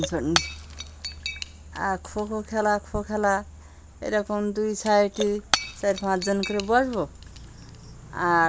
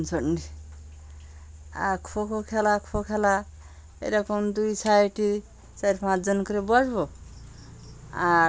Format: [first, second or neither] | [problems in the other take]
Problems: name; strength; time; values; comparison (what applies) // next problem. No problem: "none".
second | background sound (Shatter / Crushing); 9 dB below the speech